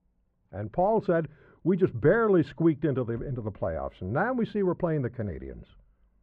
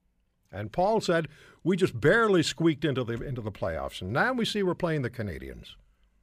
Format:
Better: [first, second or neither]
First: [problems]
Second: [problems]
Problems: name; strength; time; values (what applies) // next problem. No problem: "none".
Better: second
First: muffled; very; fading above 3.5 kHz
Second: none